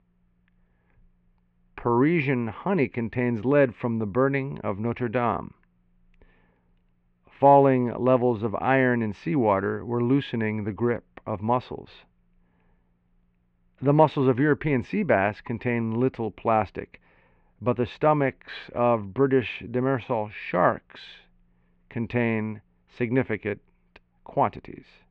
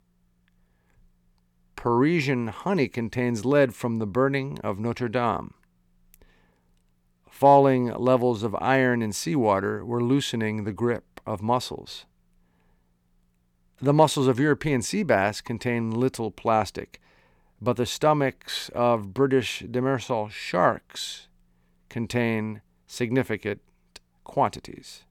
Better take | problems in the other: second | muffled; very; fading above 2.5 kHz

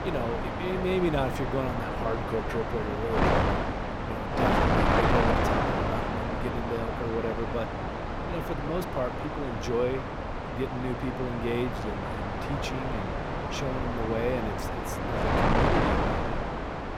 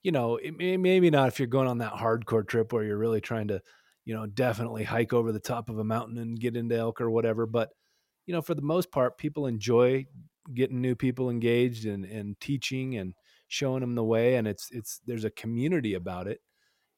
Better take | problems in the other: second | wind noise on the microphone; heavy; 5 dB above the speech

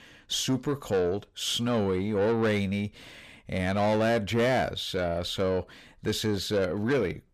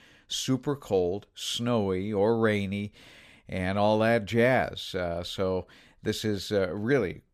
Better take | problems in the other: second | distortion; slight; 10 dB below the speech

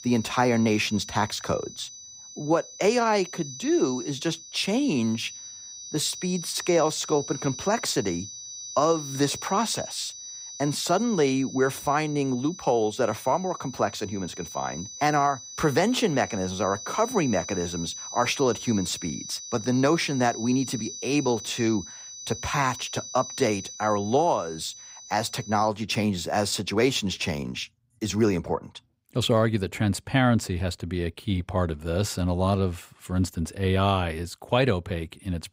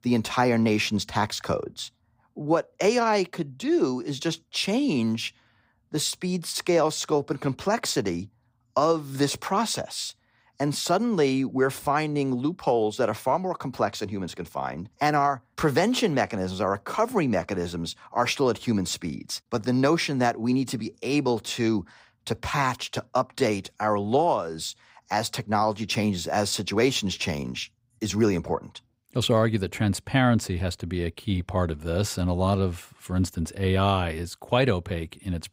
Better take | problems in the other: second | high-pitched whine; noticeable; until 26 s; 6 kHz, 10 dB below the speech

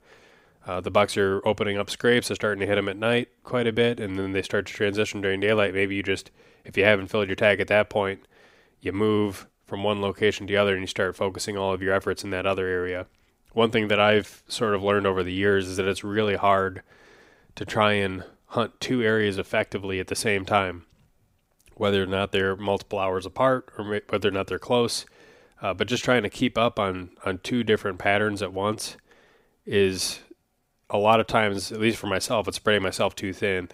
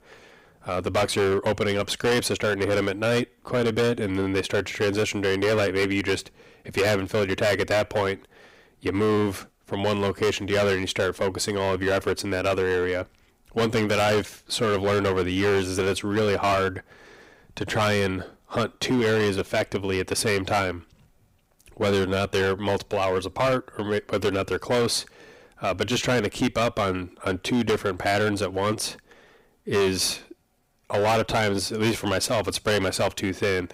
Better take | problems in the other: first | distortion; heavy; 12% of the sound clipped

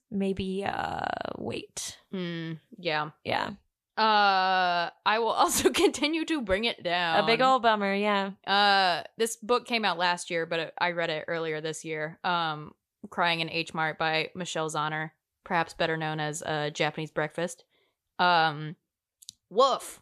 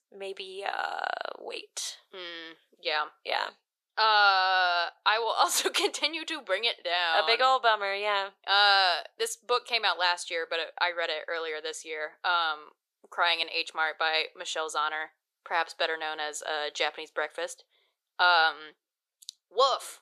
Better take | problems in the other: first | thin; very; fading below 450 Hz

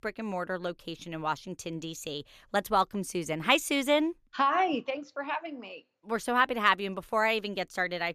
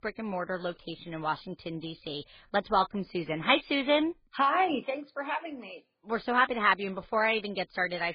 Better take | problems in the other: first | garbled, watery; badly; nothing above 4.5 kHz

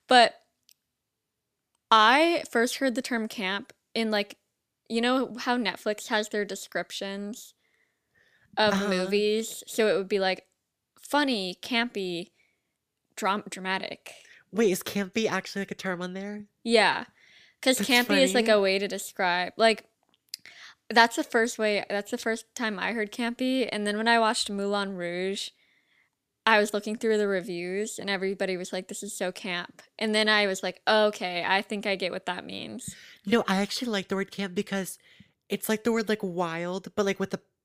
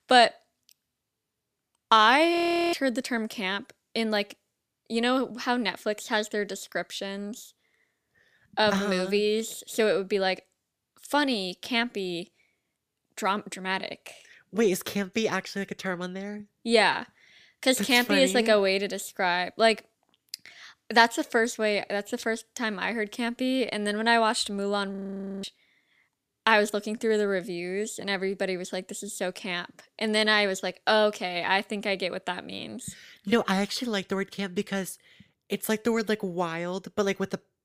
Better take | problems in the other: first | audio freezing; at 2.5 s and at 25 s

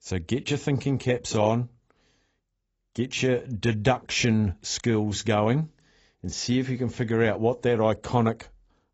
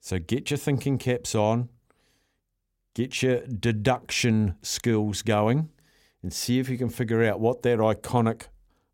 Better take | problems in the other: second | garbled, watery; badly; nothing above 7.5 kHz

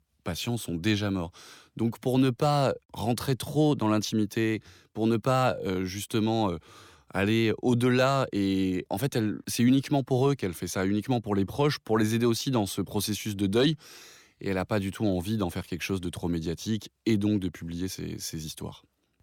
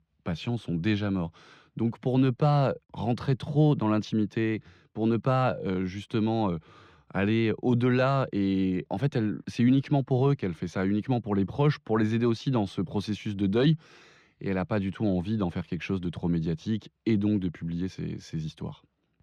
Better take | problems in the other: first | muffled; slightly; fading above 3 kHz

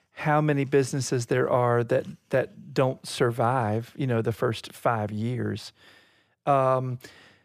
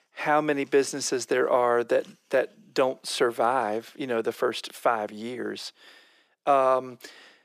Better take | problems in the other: first | thin; somewhat; fading below 300 Hz

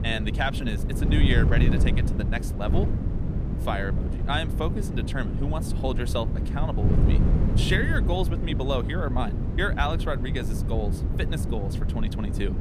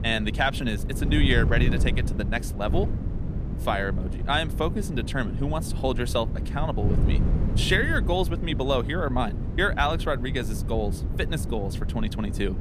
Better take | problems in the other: second | wind noise on the microphone; heavy; 6 dB below the speech; occasional gusts in the second

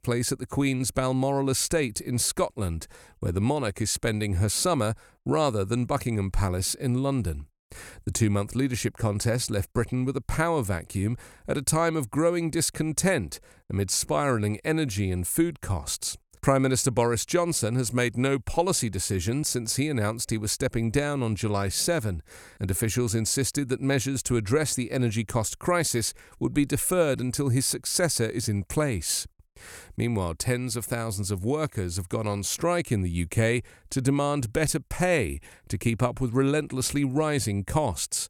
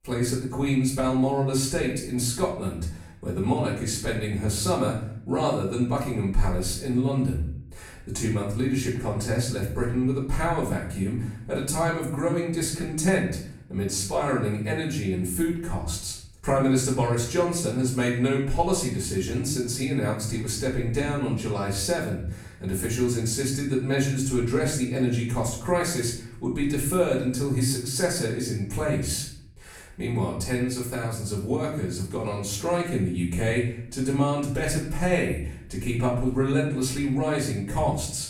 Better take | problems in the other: first | off-mic speech; far // room echo; noticeable; dies away in 0.6 s

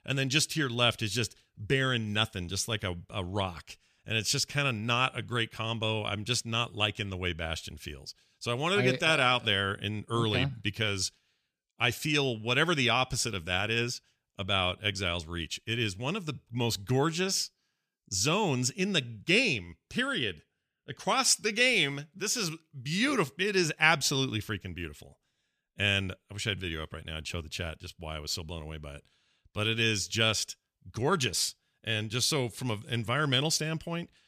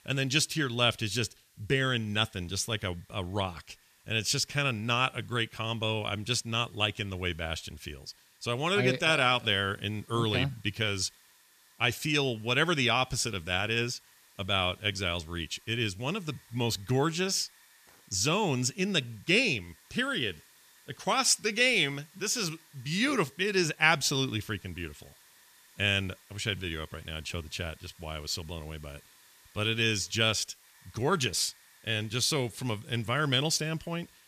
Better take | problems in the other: first | hiss; faint; throughout; 30 dB below the speech

